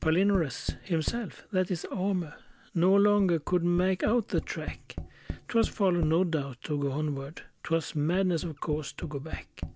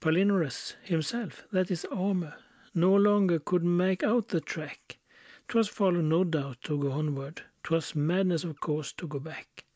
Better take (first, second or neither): second